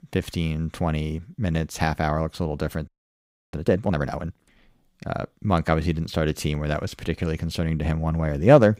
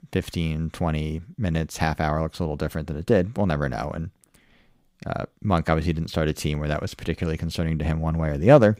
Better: second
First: audio freezing; at 3 s for 0.5 s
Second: none

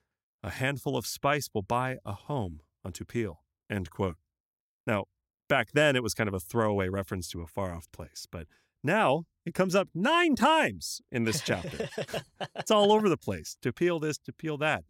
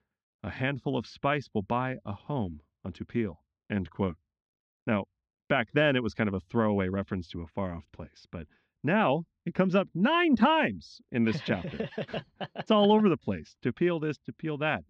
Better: first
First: none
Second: muffled; slightly; fading above 4 kHz

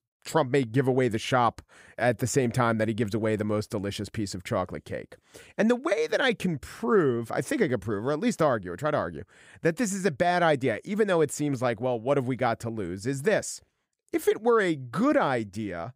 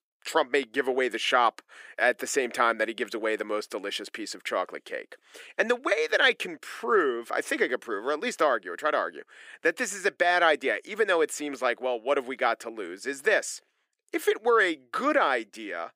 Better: first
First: none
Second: thin; somewhat; fading below 350 Hz

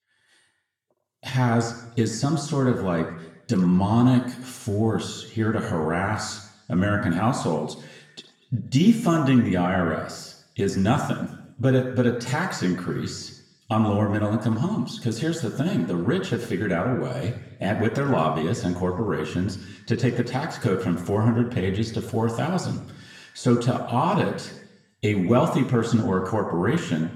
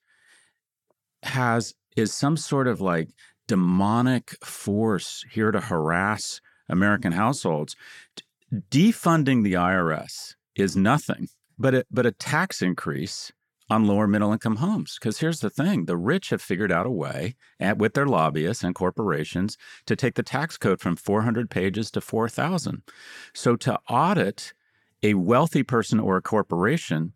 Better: second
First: room echo; slight; dies away in 0.8 s // off-mic speech; somewhat distant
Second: none

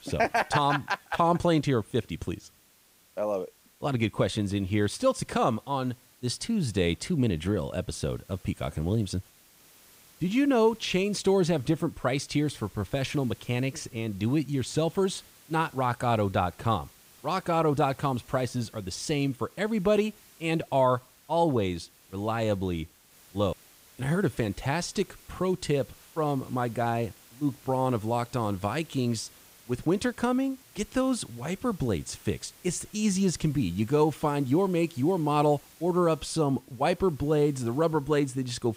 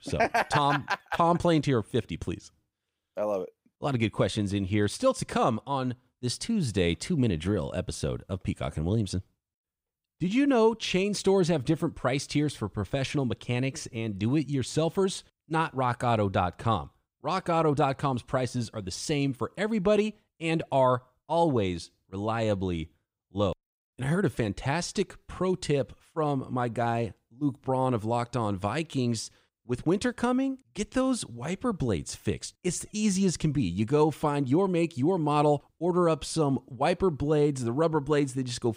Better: second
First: hiss; faint; throughout; 25 dB below the speech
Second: none

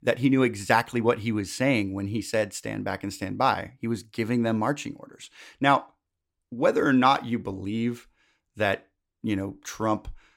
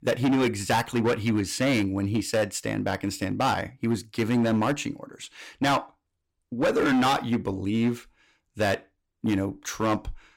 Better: first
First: none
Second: distortion; heavy; 10% of the sound clipped

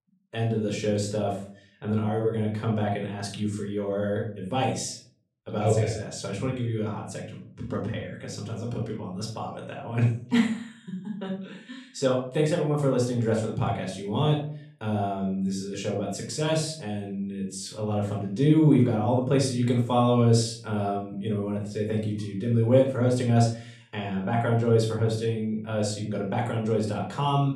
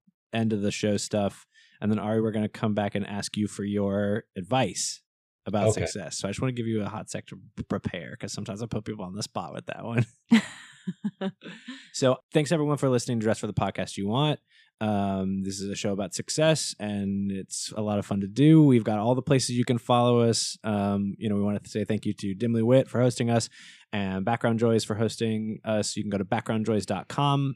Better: second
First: off-mic speech; far // room echo; slight; dies away in 0.4 s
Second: none

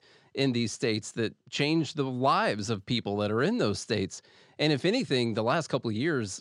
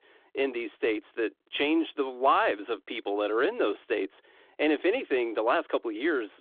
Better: first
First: none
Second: phone-call audio; nothing above 3.5 kHz

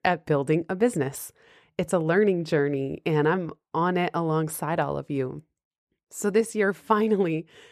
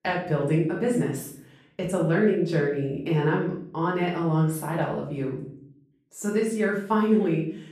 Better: first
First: none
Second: room echo; noticeable; dies away in 0.5 s // off-mic speech; far

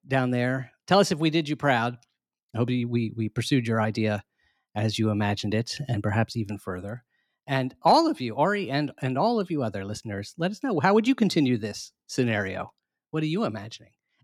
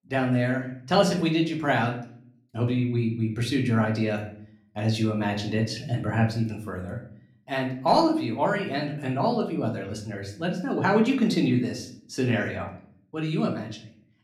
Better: first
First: none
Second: room echo; slight; dies away in 0.5 s // off-mic speech; somewhat distant

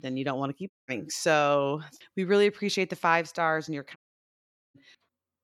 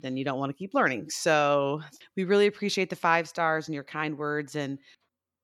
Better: second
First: audio cutting out; at 0.5 s and at 4 s for 1 s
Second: none

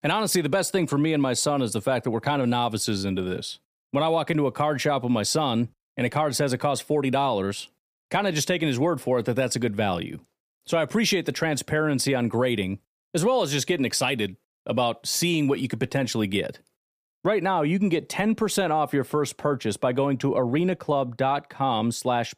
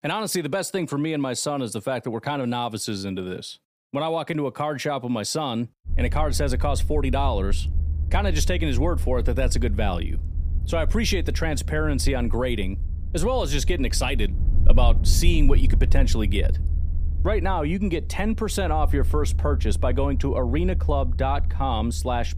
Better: first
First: none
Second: low rumble; noticeable; from 6 s on; 15 dB below the speech

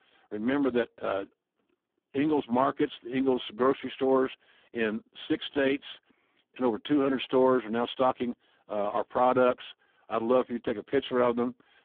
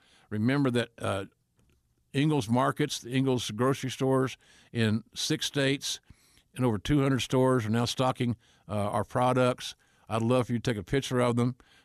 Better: second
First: phone-call audio; poor line; nothing above 3.5 kHz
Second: none

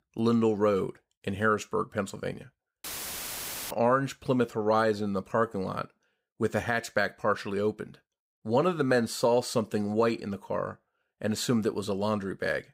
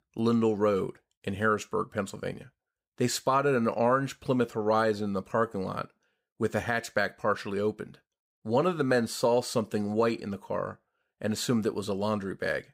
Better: second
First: audio cutting out; filled with static; at 3 s for 1 s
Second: none

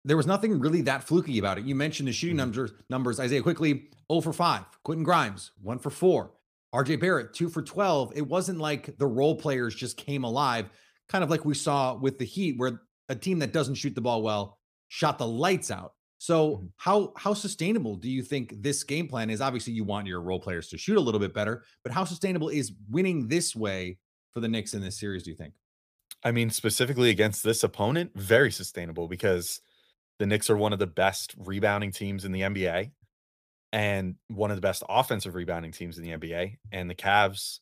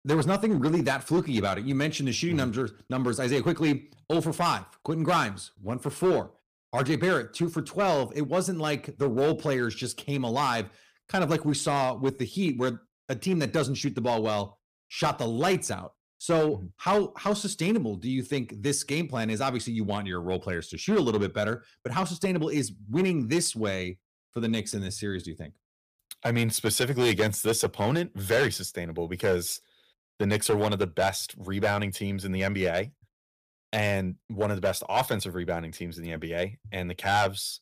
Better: first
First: none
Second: distortion; slight; 4% of the sound clipped

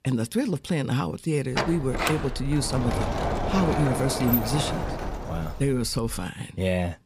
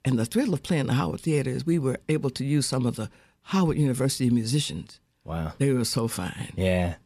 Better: second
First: door banging; loud; from 1.5 to 6 s; peak 1 dB above the speech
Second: none

